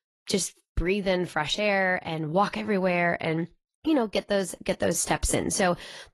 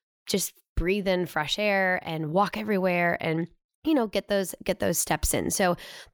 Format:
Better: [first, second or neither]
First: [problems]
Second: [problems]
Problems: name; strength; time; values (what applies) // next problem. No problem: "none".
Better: second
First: garbled, watery; slightly; nothing above 11 kHz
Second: none